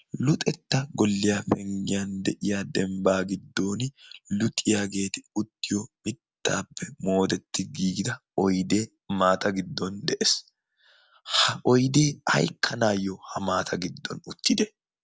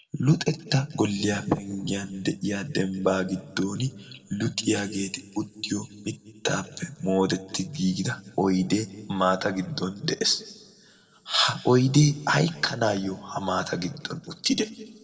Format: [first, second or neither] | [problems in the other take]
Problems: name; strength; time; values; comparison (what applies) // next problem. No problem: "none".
first | room echo; dies away in 1.4 s